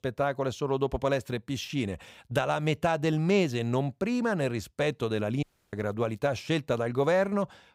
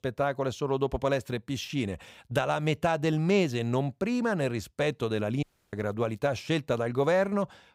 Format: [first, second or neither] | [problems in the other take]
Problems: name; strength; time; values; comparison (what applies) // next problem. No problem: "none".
neither | audio cutting out; at 5.5 s; the same in both